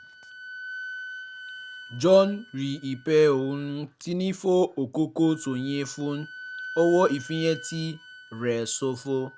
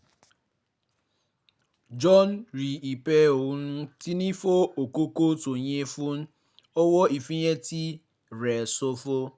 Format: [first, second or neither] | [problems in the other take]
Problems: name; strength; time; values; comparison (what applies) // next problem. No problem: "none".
second | background sound (Wind instrument, woodwind instrument); 16 dB below the speech